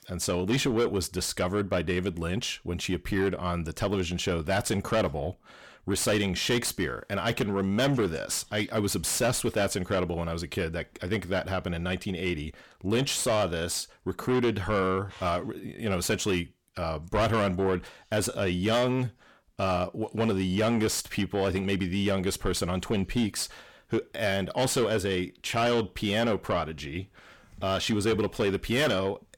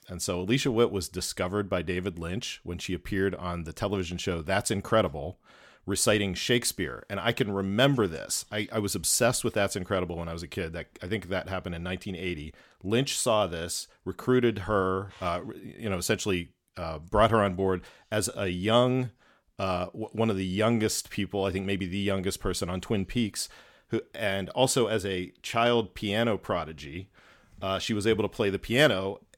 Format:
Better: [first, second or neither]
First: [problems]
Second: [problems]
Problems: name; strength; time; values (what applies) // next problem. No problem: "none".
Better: second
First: distortion; heavy; 8 dB below the speech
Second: none